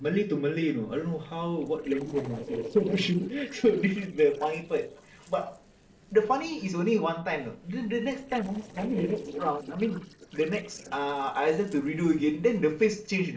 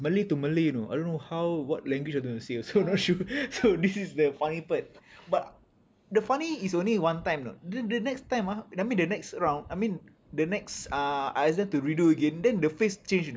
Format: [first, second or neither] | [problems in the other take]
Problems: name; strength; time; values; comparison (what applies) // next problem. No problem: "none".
second | noise reduction (neural separator model SepFormer DNS4)